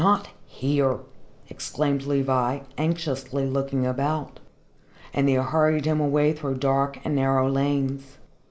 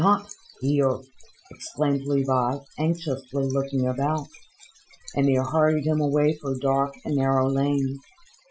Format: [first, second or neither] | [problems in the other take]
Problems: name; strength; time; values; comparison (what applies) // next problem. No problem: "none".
first | noise reduction (classical method Wiener filter)